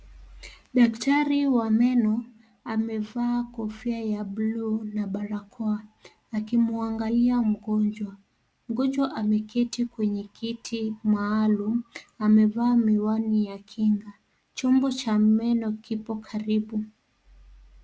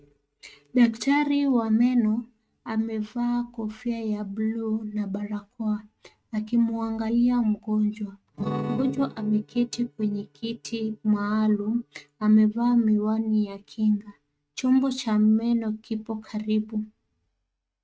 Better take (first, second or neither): first